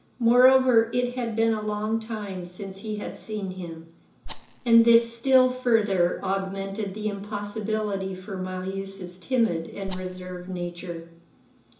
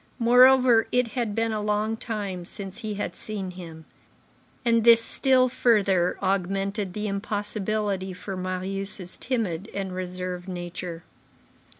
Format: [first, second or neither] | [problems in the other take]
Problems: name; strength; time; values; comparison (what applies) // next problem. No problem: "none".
second | background sound (Rattle); 11 dB below the speech // room echo; dies away in 0.7 s